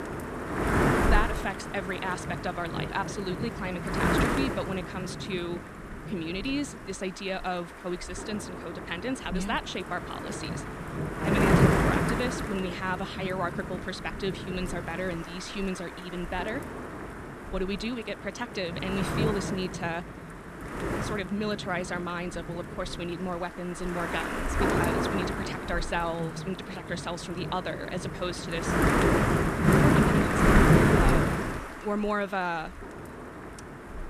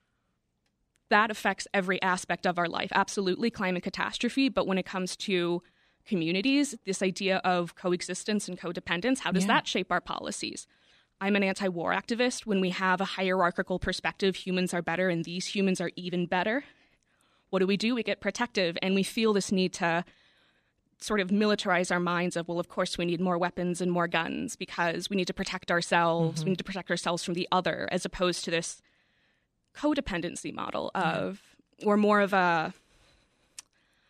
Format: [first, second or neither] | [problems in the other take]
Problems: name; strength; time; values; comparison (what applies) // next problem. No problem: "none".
second | wind noise on the microphone; heavy; 3 dB above the speech